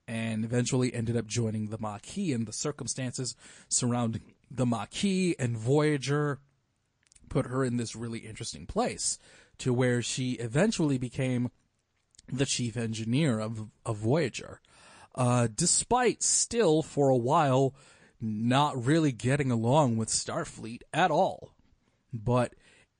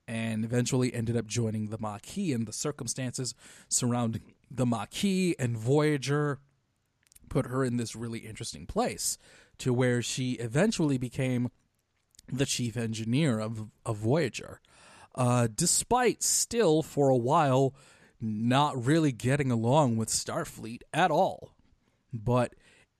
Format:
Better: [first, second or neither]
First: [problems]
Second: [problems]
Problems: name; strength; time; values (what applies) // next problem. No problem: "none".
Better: second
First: garbled, watery; slightly; nothing above 9 kHz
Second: none